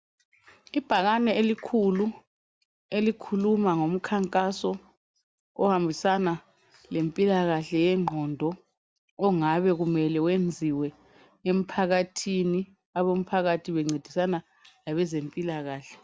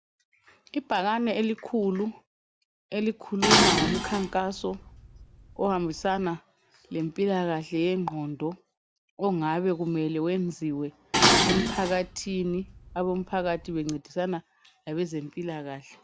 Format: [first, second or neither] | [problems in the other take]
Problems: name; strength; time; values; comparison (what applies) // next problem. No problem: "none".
first | background sound (Dishes, pots, and pans); 2 dB above the speech